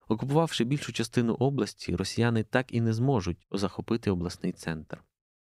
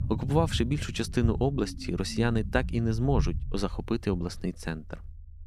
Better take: first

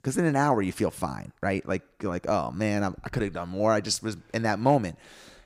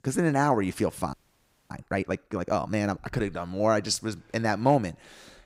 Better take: first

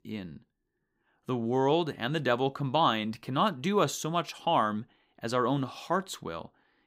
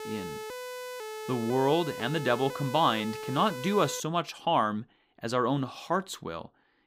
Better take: first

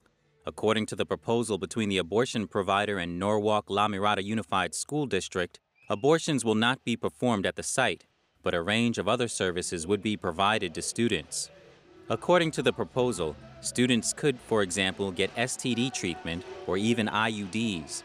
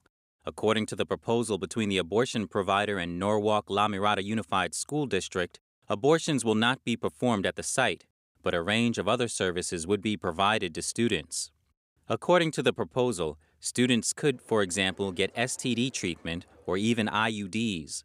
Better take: second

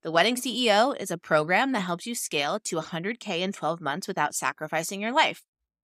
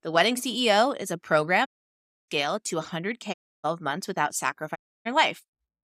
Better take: first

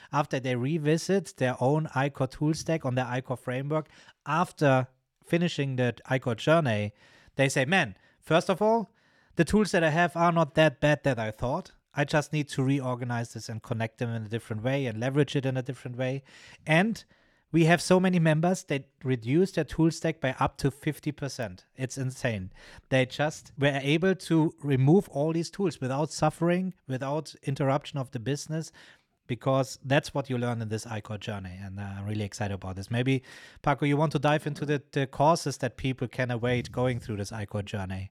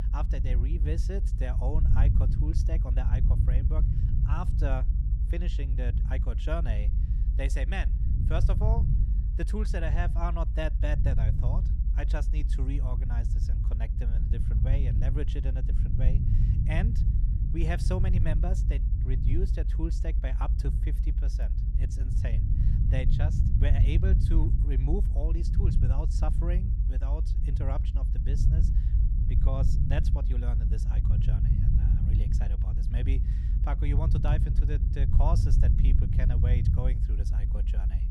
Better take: first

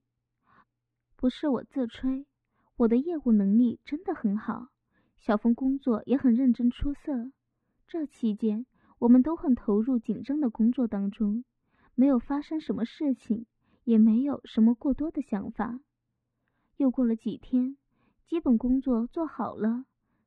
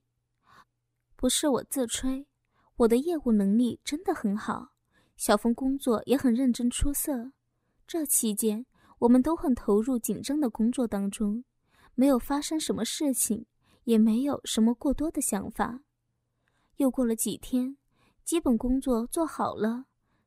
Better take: second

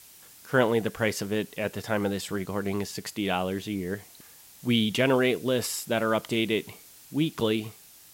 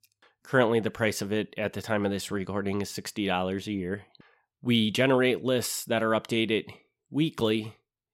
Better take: second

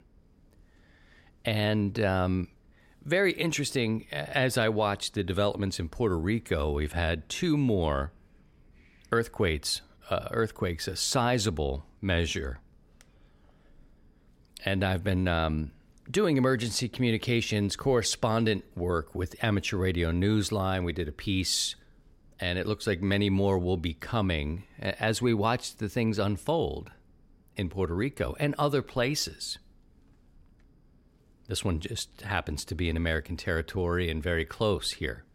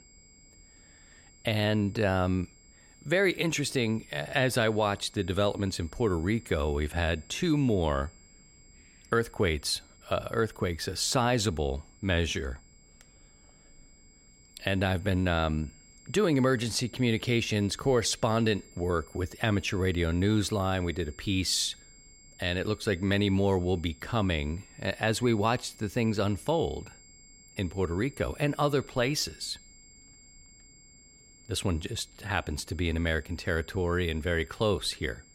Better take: first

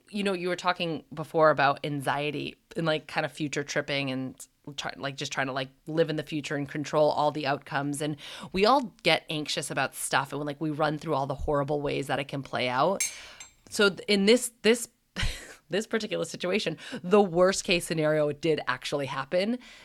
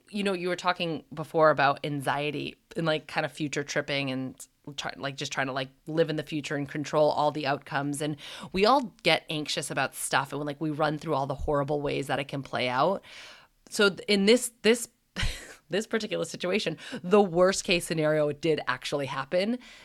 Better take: second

